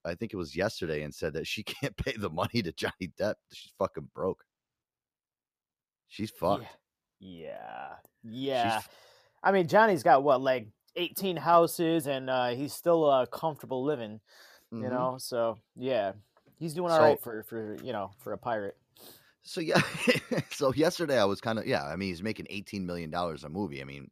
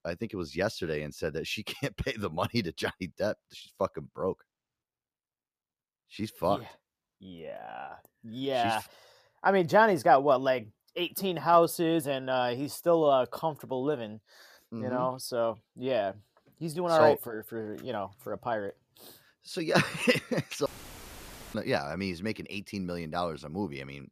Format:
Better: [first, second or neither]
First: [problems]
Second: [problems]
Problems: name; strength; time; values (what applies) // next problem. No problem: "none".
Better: first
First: none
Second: audio cutting out; filled with static; at 21 s for 1 s